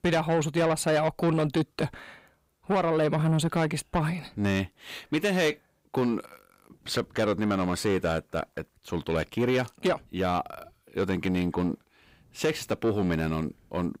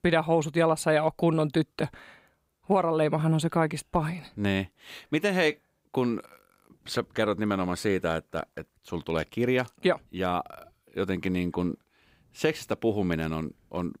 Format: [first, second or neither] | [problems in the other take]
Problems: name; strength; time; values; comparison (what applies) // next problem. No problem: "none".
second | distortion; slight; 10 dB below the speech